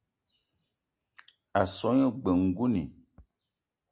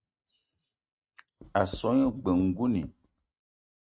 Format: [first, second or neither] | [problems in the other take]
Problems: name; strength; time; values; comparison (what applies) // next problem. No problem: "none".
first | noise reduction (neural mask model RNNoise)